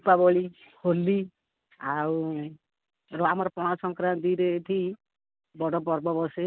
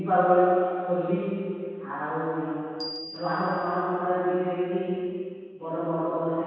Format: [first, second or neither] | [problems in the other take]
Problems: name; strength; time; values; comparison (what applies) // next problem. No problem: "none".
first | background sound (Bell); 15 dB below the speech // room echo; dies away in 2.2 s